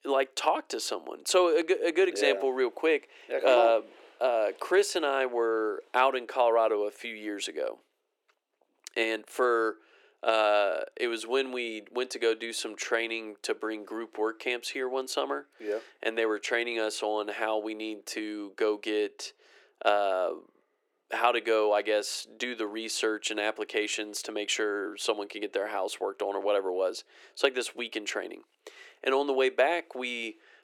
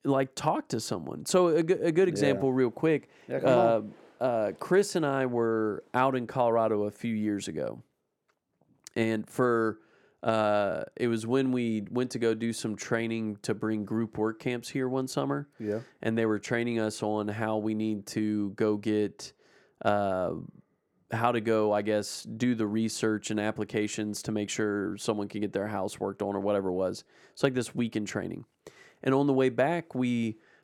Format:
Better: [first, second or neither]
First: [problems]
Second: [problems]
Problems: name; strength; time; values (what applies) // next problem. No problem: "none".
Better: second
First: thin; very; fading below 350 Hz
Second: none